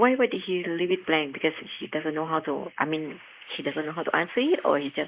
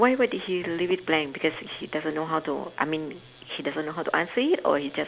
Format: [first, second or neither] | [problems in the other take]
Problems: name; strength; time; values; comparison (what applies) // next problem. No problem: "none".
second | noise reduction (neural mask model Resemble Enhance denoiser)